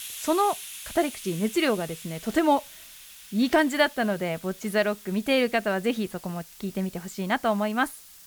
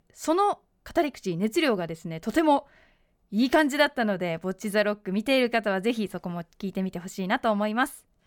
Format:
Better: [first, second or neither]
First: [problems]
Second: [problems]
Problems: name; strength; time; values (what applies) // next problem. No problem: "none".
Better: second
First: hiss; noticeable; throughout; 15 dB below the speech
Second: none